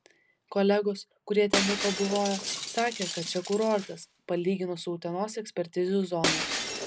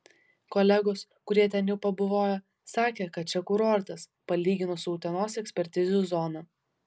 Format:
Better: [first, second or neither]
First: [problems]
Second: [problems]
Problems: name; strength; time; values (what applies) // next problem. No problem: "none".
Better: second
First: background sound (Shatter); 6 dB below the speech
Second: none